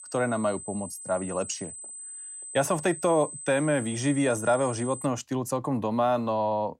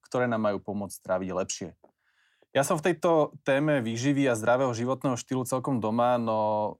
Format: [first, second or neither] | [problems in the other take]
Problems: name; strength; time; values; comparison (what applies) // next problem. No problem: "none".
second | high-pitched whine; noticeable; until 5 s; 8 kHz, 10 dB below the speech